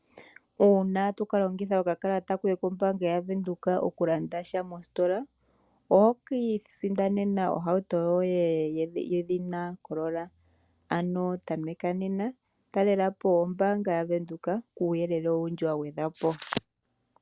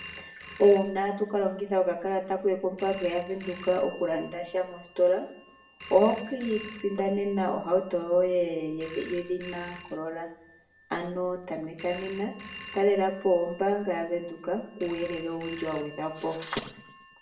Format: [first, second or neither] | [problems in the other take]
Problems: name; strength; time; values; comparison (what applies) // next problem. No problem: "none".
first | background sound (Telephone); 19 dB below the speech // room echo; dies away in 0.6 s